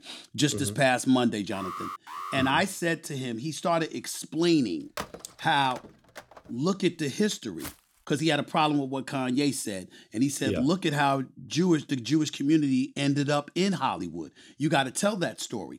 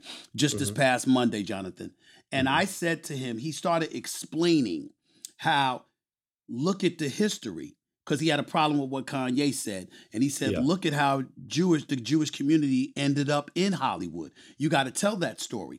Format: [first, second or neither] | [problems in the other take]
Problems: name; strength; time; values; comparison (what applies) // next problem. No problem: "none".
second | alarm; noticeable; at 1.5 s; peak 9 dB below the speech // phone ringing; faint; from 5 to 6.5 s; peak 10 dB below the speech // footsteps; faint; at 7.5 s; peak 15 dB below the speech